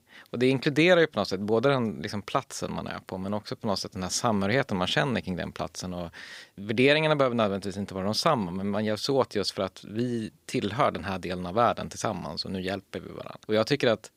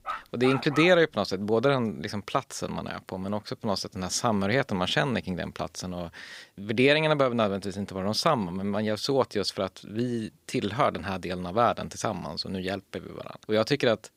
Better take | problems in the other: first | dog barking; noticeable; at the start; peak 6 dB below the speech

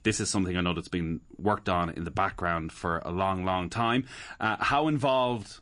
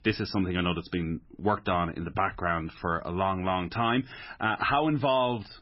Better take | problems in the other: first | garbled, watery; badly; nothing above 5.5 kHz; slightly in the first

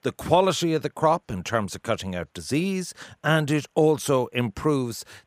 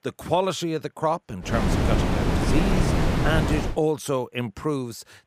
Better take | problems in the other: first | wind noise on the microphone; heavy; from 1.5 to 3.5 s; as loud as the speech

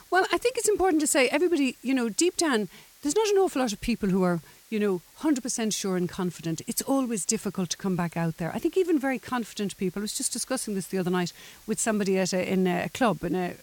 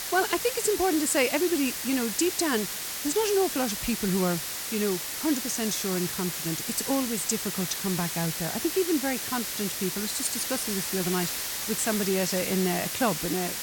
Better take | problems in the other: first | hiss; loud; throughout; 2 dB below the speech; faint in the first

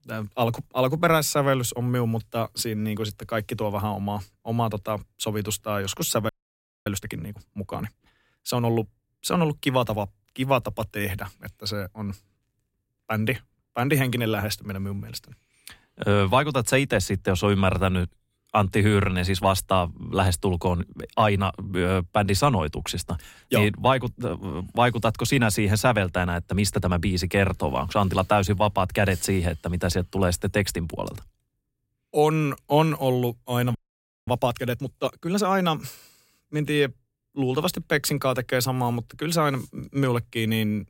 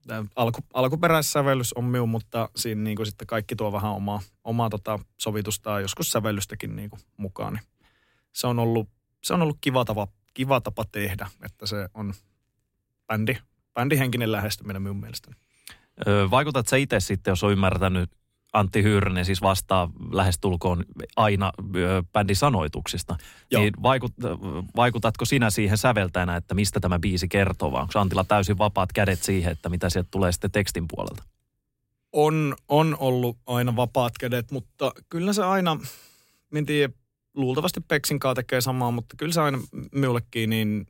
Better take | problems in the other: second | audio freezing; at 6.5 s for 0.5 s and at 34 s for 0.5 s

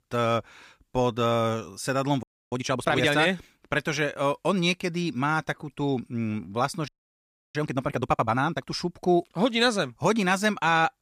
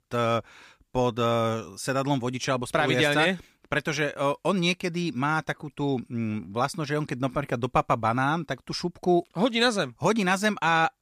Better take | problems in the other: second | audio freezing; at 2 s and at 7 s for 0.5 s

